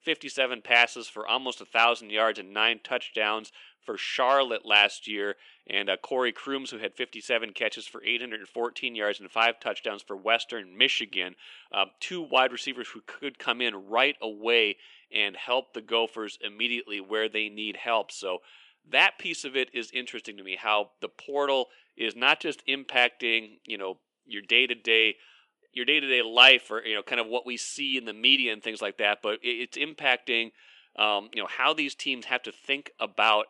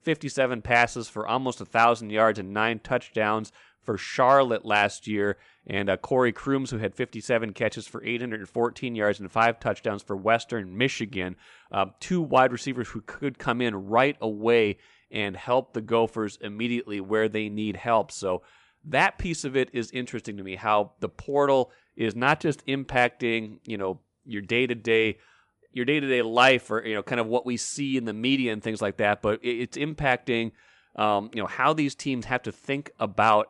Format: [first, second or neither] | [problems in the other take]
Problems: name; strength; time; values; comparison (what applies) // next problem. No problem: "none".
second | thin; very slightly; fading below 300 Hz